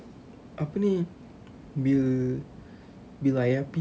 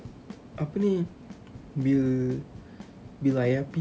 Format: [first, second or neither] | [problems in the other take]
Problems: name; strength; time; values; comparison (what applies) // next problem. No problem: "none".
first | background sound (Bass drum / Snare drum / Drum kit); 19 dB below the speech